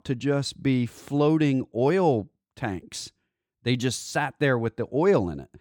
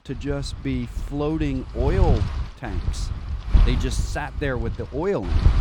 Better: first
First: none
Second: wind noise on the microphone; heavy; 10 dB below the speech

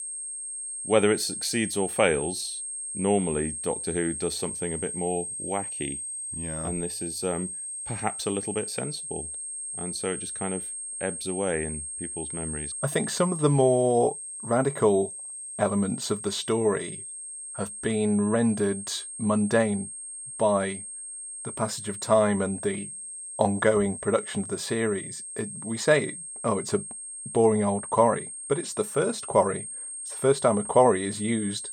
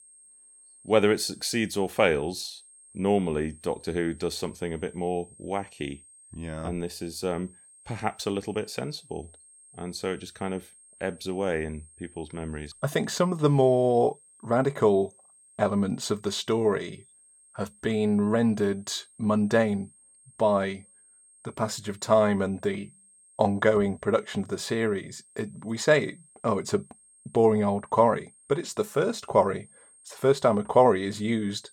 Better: second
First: high-pitched whine; loud; throughout; 8.5 kHz, 7 dB below the speech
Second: high-pitched whine; faint; throughout; 8.5 kHz, 25 dB below the speech

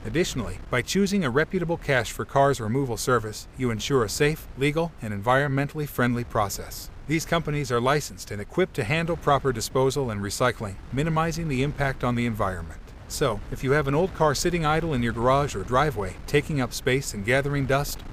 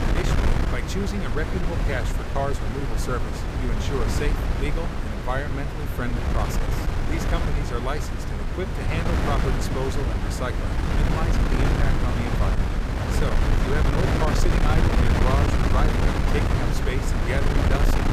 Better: first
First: wind noise on the microphone; occasional gusts; 25 dB below the speech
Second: wind noise on the microphone; heavy; 2 dB above the speech

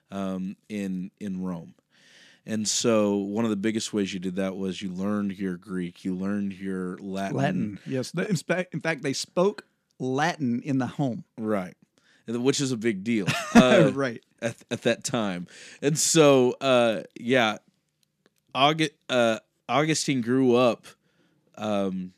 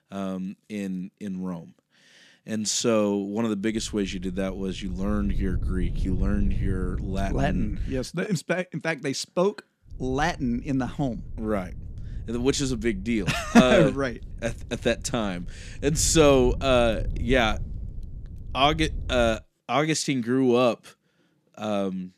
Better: first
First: none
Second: wind noise on the microphone; occasional gusts; from 3.5 to 8 s and from 10 to 19 s; 25 dB below the speech

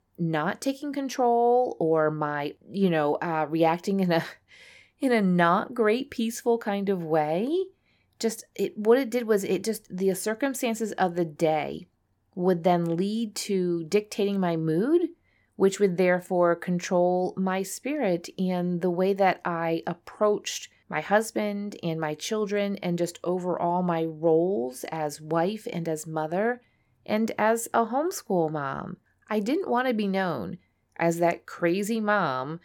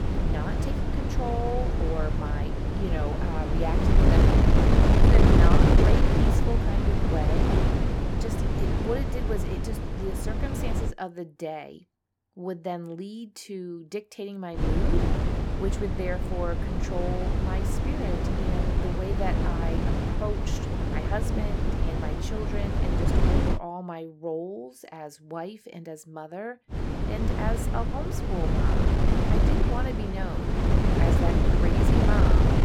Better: first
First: none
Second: wind noise on the microphone; heavy; until 11 s, from 15 to 24 s and from 27 s on; 4 dB above the speech

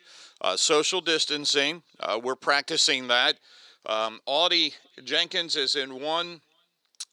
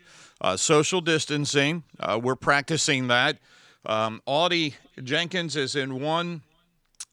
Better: second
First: thin; somewhat; fading below 400 Hz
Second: none

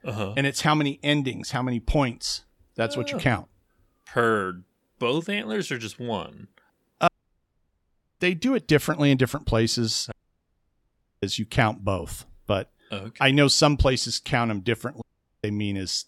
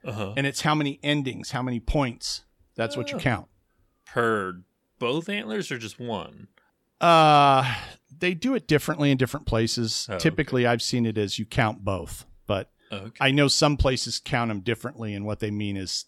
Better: second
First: audio cutting out; at 7 s for 1 s, at 10 s for 1 s and at 15 s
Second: none

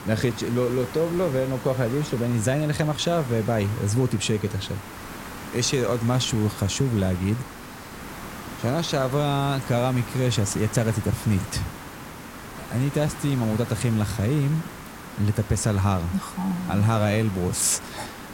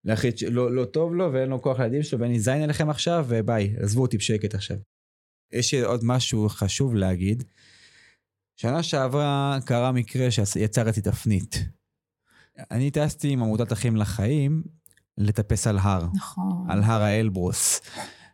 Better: second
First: hiss; noticeable; throughout; 15 dB below the speech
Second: none

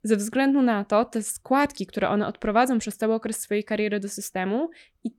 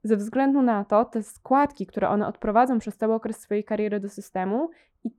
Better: first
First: none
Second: muffled; slightly; fading above 2 kHz

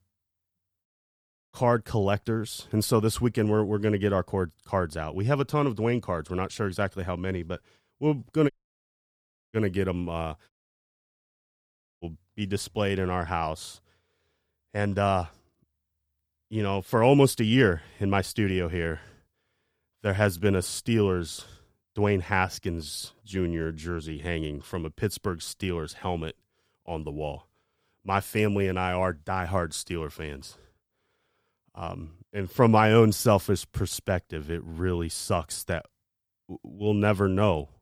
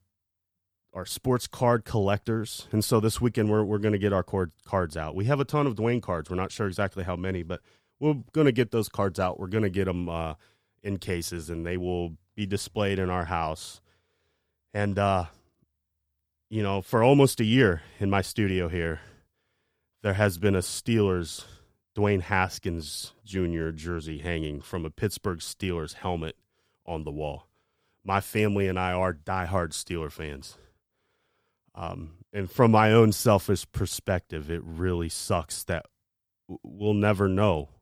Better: second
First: audio cutting out; at 1 s for 0.5 s, at 8.5 s for 1 s and at 11 s for 1.5 s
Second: none

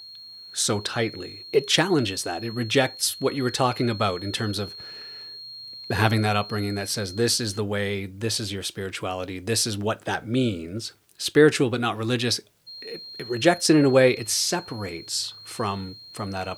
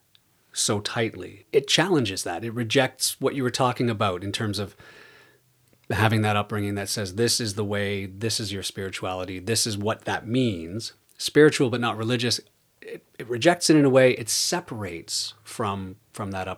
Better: second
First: high-pitched whine; noticeable; until 7.5 s and from 13 s on; 4.5 kHz, 15 dB below the speech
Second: none

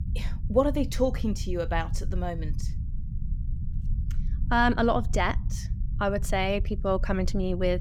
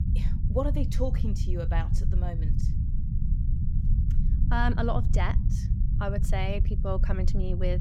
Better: first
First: low rumble; faint; throughout; 20 dB below the speech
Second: low rumble; loud; throughout; 10 dB below the speech

